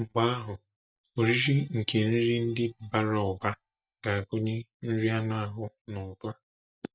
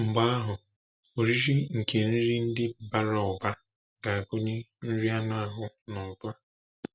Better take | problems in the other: second | noise reduction (neural mask model DeepFilterNet 3)

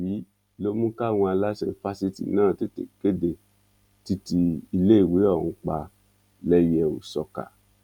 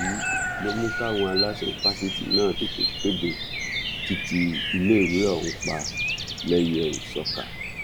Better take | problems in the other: first | background sound (Bird vocalization, bird call, bird song); 2 dB below the speech

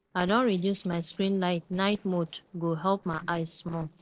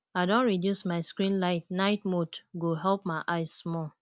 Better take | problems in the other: second | noise reduction (neural separator model SepFormer DNS4)

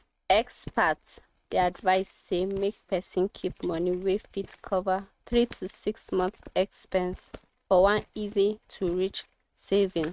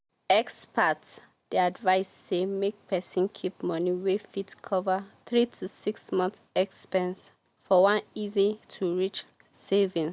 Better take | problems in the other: second | noise reduction (neural mask model RNNoise)

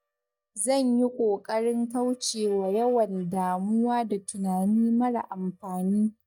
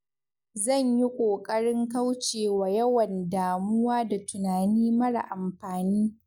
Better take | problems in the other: second | noise reduction (neural mask model DeepFilterNet 3)

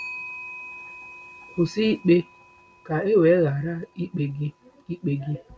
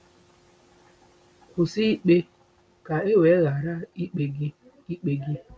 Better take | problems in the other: second | background sound (Clock); 18 dB below the speech

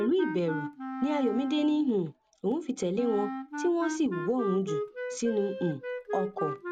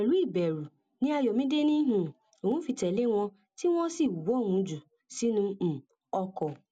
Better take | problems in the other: second | background sound (Wind instrument, woodwind instrument); 7 dB below the speech

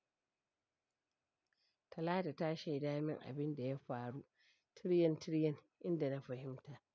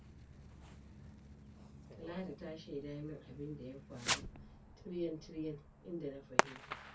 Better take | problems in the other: first | background sound (Fireworks); 3 dB above the speech // room echo; dies away in 0.2 s

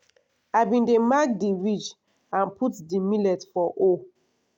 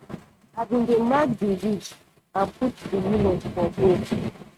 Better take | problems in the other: first | noise reduction (neural mask model RNNoise)

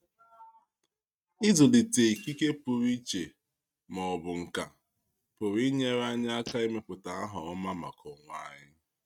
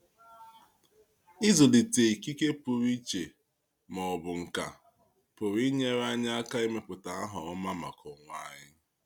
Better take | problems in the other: second | noise reduction (neural mask model RNNoise)

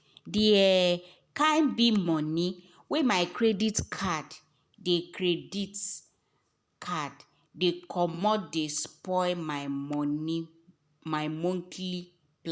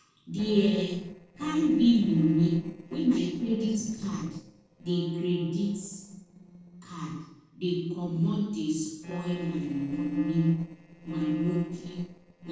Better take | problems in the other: first | noise reduction (neural separator model SepFormer DNS4)

